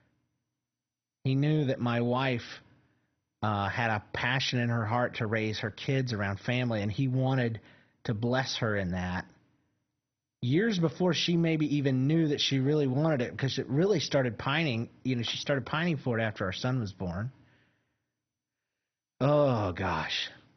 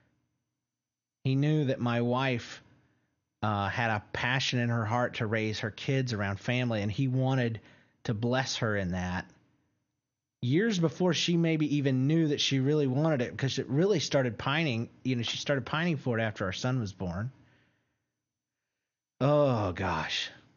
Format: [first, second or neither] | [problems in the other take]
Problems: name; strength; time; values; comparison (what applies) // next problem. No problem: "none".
second | garbled, watery; badly; nothing above 6 kHz; slightly in the second